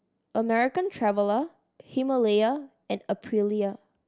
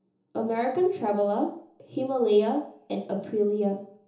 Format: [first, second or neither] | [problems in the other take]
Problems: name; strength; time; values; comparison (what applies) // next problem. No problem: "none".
first | room echo; dies away in 0.6 s